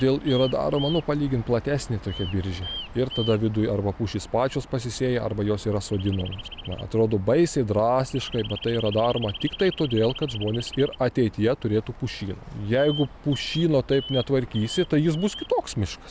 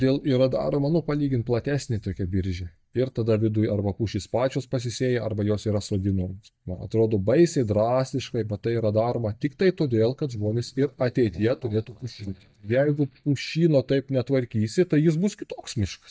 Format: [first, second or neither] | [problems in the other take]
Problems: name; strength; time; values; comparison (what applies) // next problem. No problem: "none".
first | noise reduction (neural mask model DeepFilterNet 3)